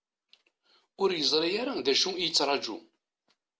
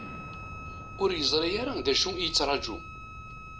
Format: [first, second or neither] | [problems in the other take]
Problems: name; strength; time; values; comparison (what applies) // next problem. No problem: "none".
first | background sound (Explosion + Wind instrument, woodwind instrument); 10 dB below the speech